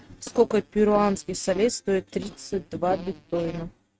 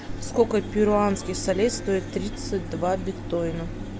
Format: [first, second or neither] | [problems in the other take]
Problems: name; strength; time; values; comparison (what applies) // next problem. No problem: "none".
second | noise reduction (neural mask model RNNoise)